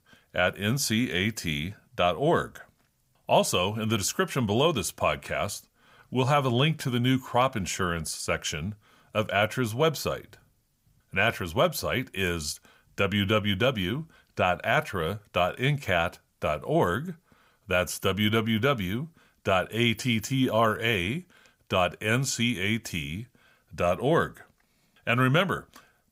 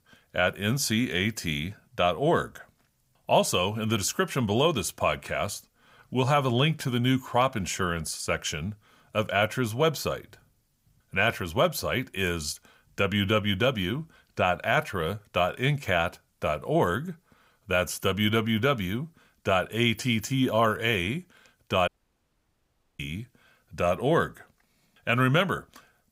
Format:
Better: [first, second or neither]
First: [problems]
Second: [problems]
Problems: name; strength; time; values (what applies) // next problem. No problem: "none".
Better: first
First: none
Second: audio cutting out; at 22 s for 1 s